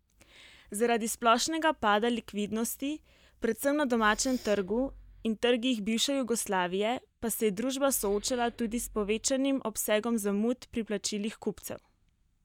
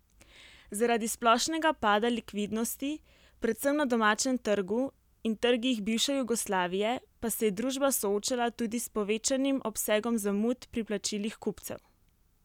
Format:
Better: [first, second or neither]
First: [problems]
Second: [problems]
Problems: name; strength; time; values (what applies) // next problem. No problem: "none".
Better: second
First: noise reduction (neural mask model DeepFilterNet 3)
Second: none